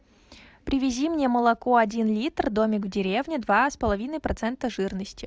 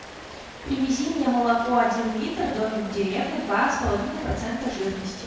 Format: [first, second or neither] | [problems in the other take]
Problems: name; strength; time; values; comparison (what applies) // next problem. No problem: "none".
first | background sound (Rain); 14 dB below the speech // room echo; dies away in 1 s